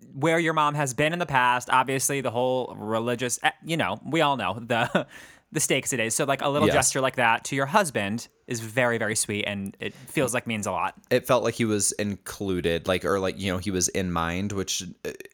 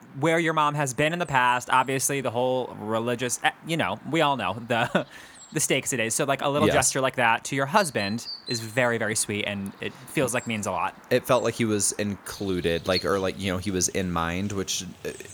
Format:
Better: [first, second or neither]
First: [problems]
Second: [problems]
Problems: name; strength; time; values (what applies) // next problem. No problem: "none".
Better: first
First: none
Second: animal sounds; noticeable; throughout; 15 dB below the speech